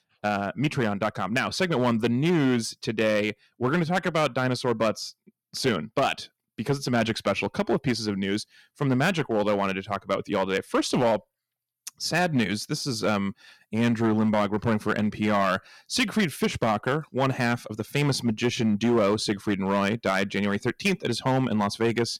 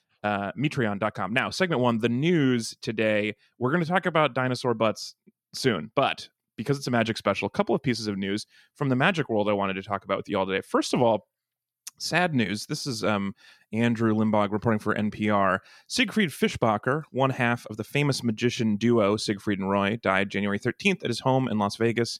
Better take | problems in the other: second | distortion; slight; 5% of the sound clipped

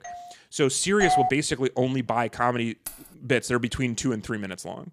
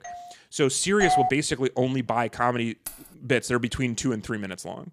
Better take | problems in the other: neither | doorbell; faint; at the start; peak 15 dB below the speech; the same in both // doorbell; loud; at 1 s; peak 2 dB above the speech; the same in both // jangling keys; faint; at 3 s; peak 15 dB below the speech; the same in both

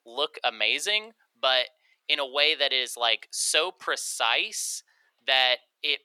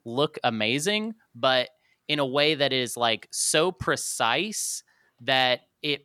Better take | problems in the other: second | thin; very; fading below 500 Hz

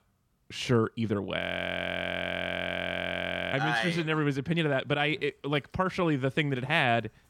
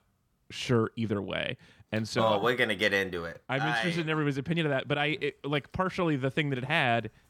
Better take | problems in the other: second | audio freezing; at 1.5 s for 2 s

